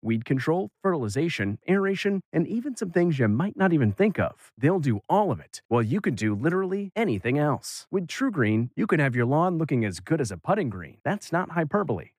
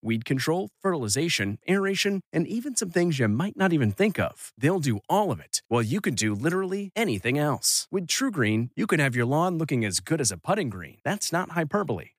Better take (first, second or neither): second